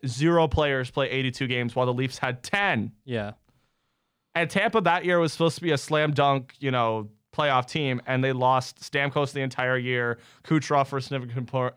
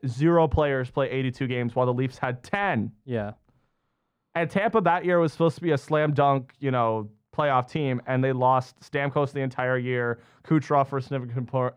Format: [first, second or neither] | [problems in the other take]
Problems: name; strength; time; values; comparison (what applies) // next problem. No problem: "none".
first | muffled; slightly; fading above 2 kHz